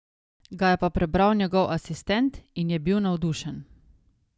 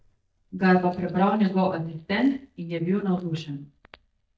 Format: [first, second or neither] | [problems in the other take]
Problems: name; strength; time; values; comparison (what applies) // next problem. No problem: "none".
first | noise reduction (neural mask model DeepFilterNet 3)